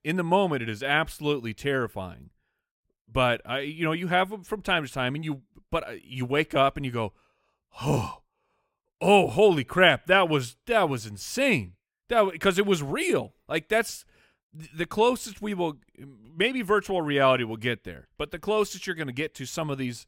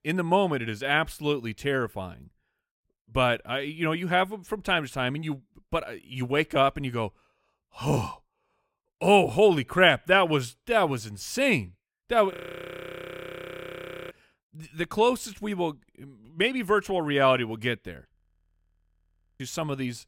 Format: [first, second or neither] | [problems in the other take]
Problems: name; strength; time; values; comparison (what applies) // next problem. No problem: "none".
first | audio freezing; at 12 s for 2 s and at 18 s for 1.5 s